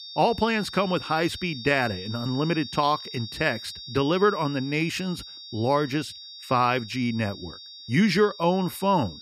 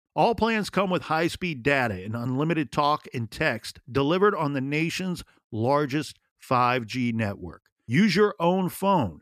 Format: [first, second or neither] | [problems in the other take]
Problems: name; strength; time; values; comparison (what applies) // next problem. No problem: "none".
second | high-pitched whine; noticeable; throughout; 4 kHz, 15 dB below the speech